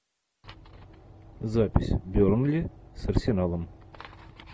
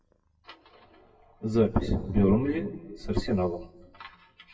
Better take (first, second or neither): first